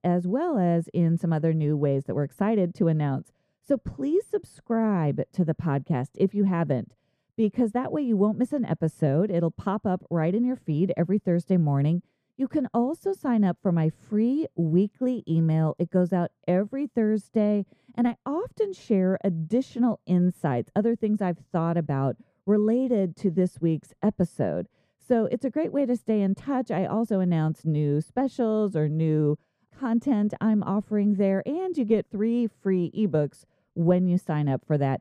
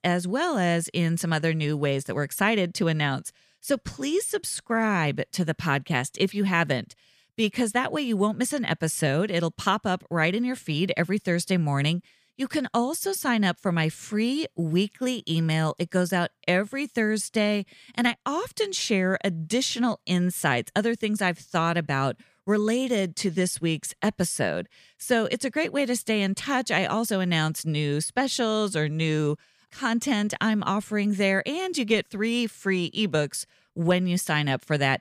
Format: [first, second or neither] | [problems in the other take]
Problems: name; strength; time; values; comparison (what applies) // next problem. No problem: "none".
second | muffled; very; fading above 1.5 kHz